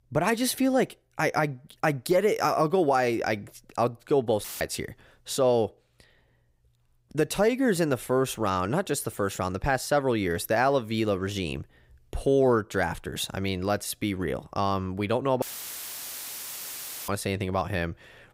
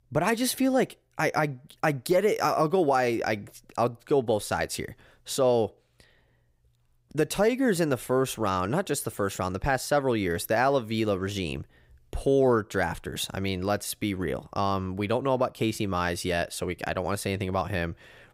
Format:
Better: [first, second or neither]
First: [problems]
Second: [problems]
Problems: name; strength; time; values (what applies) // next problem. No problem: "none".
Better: second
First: audio cutting out; filled with static; at 4.5 s and at 15 s for 1.5 s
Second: none